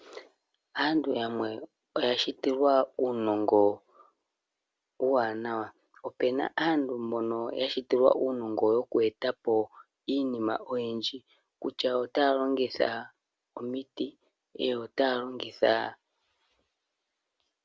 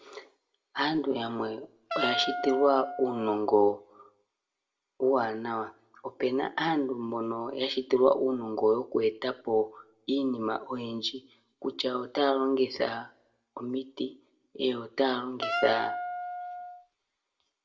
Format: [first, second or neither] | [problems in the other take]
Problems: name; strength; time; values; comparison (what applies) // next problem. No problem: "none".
first | background sound (Wind instrument, woodwind instrument); 5 dB below the speech // room echo; dies away in 0.4 s